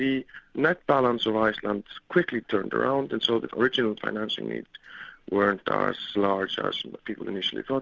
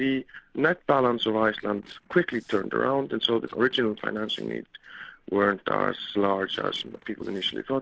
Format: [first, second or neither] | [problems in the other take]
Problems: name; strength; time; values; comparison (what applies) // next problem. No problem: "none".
first | noise reduction (neural separator model SepFormer DNS4)